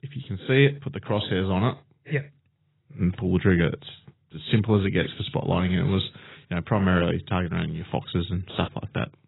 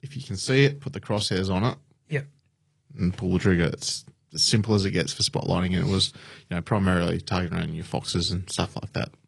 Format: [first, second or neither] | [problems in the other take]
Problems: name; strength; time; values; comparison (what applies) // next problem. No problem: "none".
second | garbled, watery; badly; nothing above 4 kHz; slightly in the second